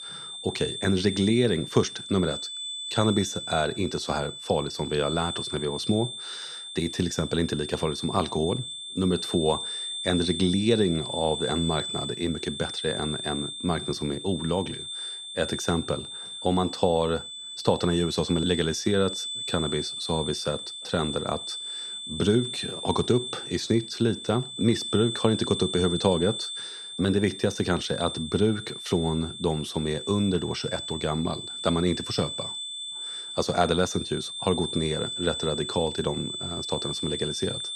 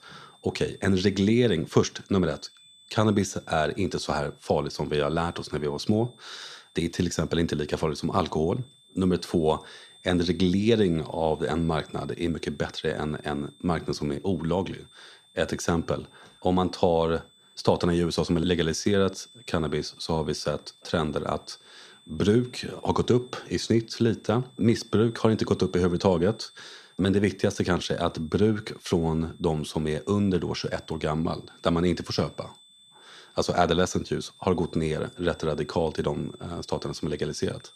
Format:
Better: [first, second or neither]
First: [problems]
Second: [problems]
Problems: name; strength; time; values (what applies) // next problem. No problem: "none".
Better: second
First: high-pitched whine; loud; throughout; 3.5 kHz, 6 dB below the speech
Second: high-pitched whine; faint; throughout; 3.5 kHz, 25 dB below the speech